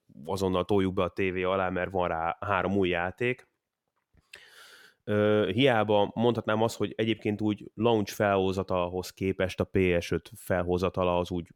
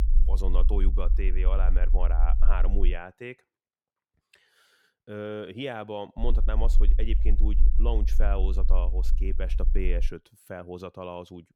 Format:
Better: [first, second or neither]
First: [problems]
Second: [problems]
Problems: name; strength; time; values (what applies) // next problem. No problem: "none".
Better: first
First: none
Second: low rumble; noticeable; until 3 s and from 6 to 10 s; 15 dB below the speech